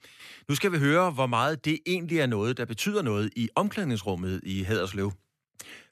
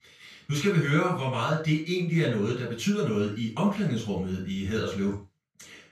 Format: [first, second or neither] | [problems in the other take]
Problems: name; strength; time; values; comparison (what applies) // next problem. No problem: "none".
first | room echo; noticeable; dies away in 0.3 s // off-mic speech; far